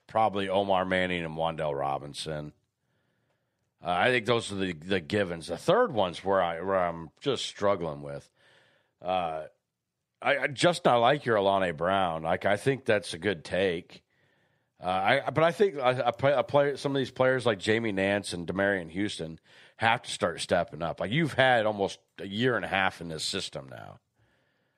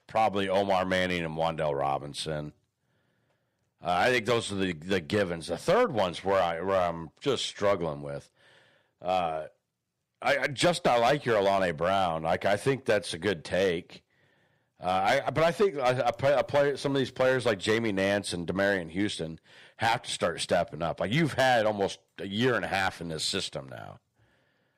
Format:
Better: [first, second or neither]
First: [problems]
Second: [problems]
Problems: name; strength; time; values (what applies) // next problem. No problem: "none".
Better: first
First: none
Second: distortion; slight; 4% of the sound clipped